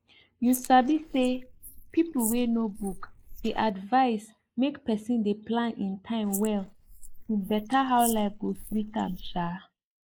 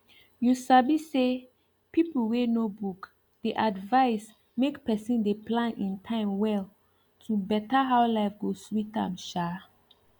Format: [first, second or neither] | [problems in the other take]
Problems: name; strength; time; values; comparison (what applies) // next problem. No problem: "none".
second | noise reduction (neural mask model Resemble Enhance denoiser)